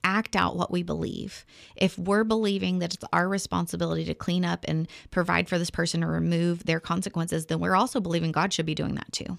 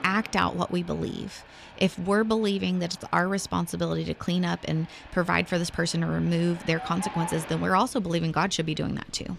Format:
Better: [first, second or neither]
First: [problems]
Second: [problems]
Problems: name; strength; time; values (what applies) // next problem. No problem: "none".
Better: first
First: none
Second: rain or running water; noticeable; throughout; 15 dB below the speech